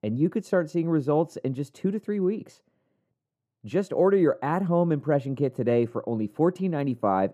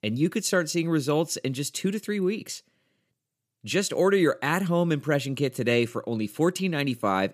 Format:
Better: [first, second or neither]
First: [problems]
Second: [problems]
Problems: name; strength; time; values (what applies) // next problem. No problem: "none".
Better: second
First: muffled; very; fading above 2 kHz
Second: none